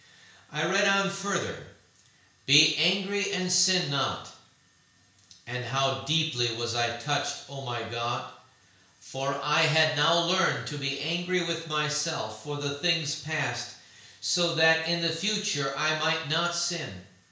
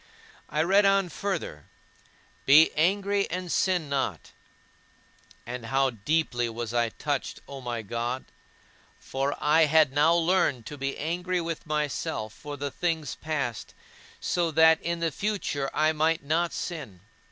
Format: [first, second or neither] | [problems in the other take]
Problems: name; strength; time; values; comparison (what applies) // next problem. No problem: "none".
second | room echo; dies away in 0.5 s